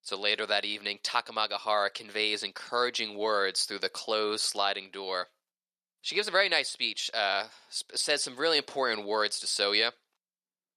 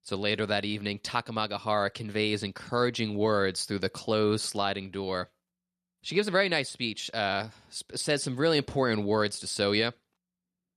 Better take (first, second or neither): second